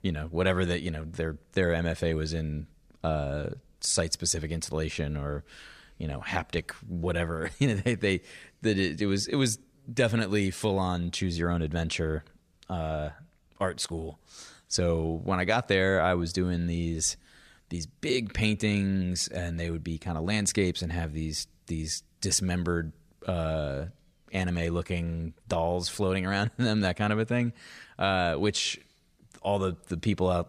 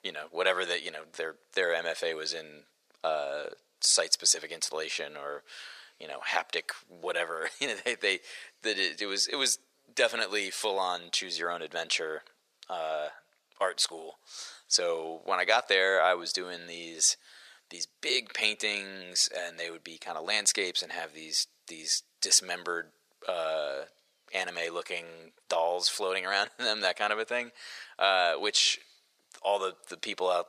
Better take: first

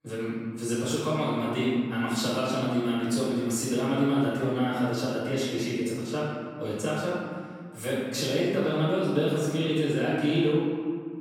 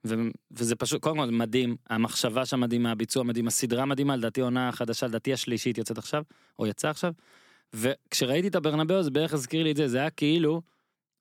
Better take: second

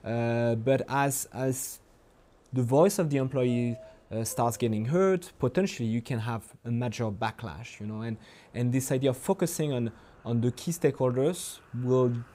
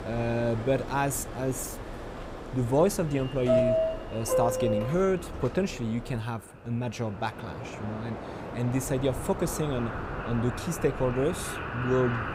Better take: first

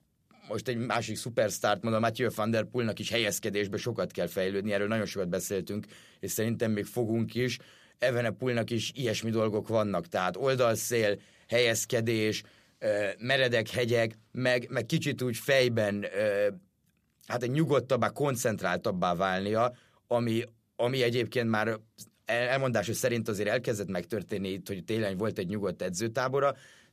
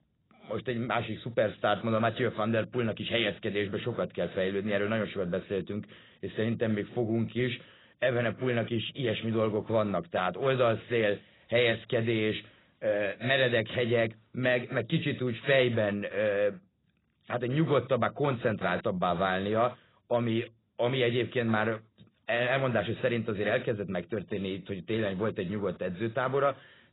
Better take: first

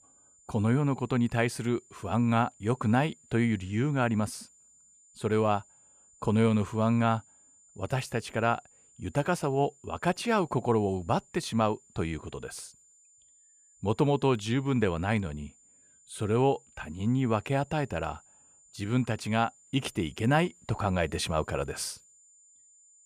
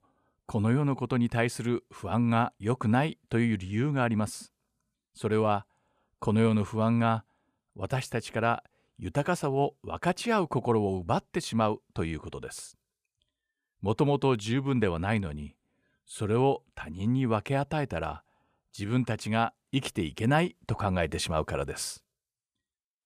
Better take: second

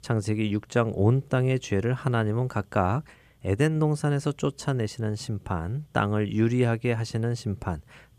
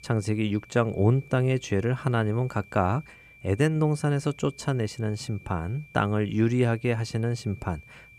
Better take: first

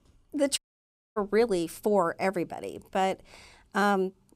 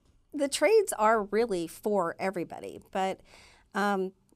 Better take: second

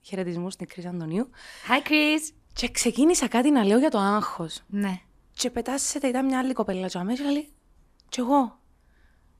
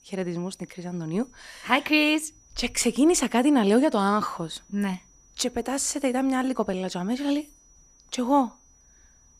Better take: first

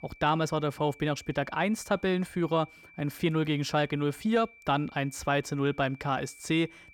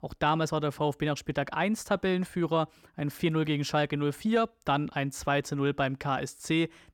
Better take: second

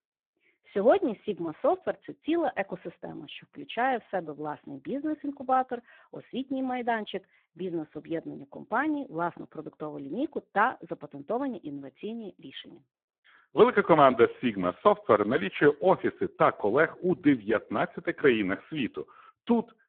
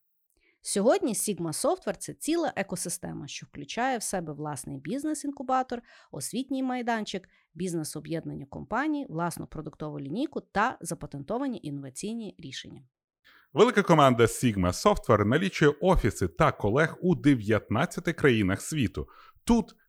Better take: second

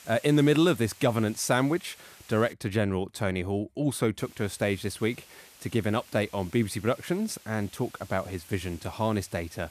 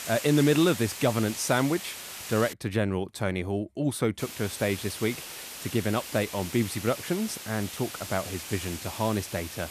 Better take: first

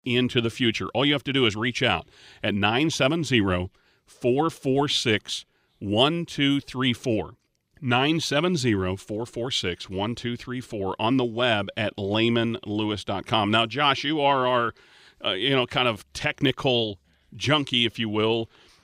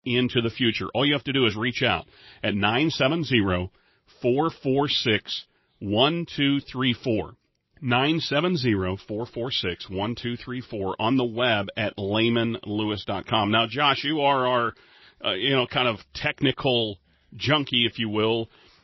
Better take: first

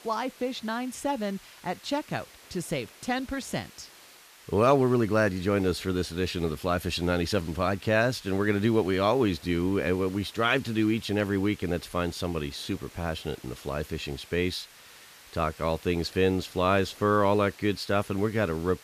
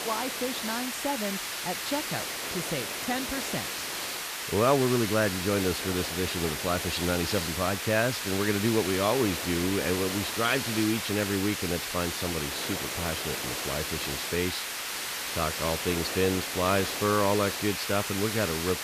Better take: first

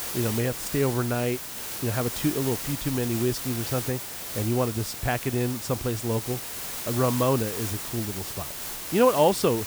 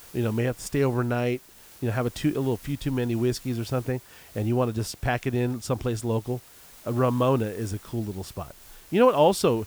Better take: second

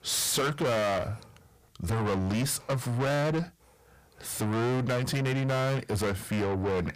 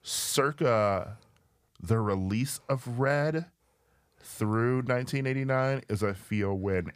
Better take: second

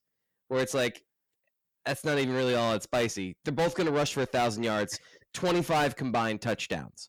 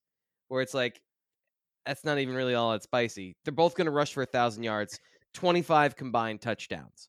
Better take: second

